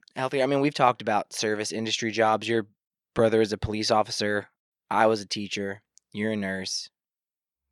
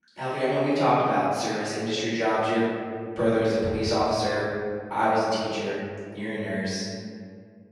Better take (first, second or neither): first